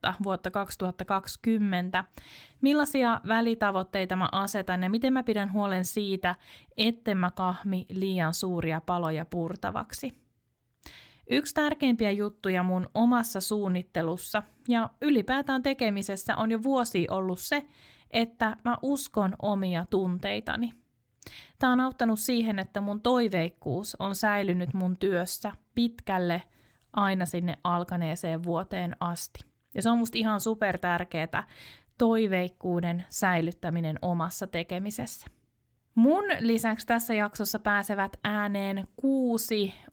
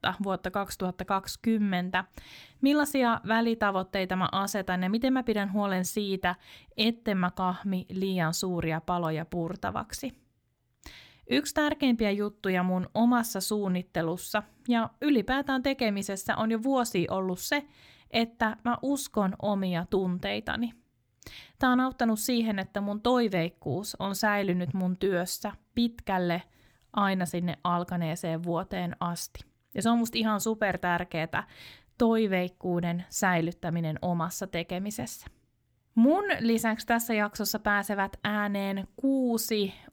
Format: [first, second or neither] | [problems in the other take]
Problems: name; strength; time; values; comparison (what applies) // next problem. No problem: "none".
second | garbled, watery; slightly; nothing above 19 kHz